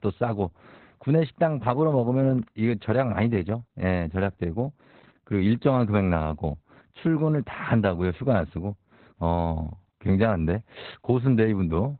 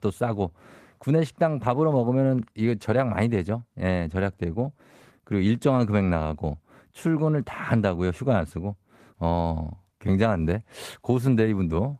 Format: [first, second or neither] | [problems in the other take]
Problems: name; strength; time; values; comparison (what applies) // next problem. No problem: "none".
second | garbled, watery; badly; nothing above 4 kHz; slightly in the second